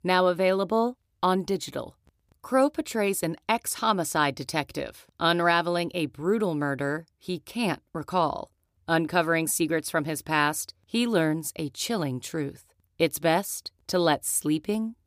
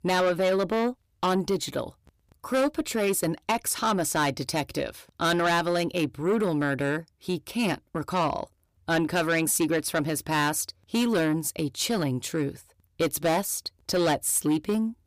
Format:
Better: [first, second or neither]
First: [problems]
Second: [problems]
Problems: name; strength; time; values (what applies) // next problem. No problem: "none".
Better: first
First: none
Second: distortion; heavy; 8 dB below the speech